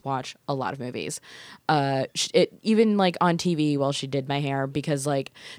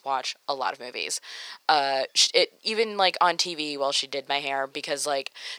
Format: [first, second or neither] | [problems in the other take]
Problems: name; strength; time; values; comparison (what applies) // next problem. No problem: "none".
first | thin; very; fading below 700 Hz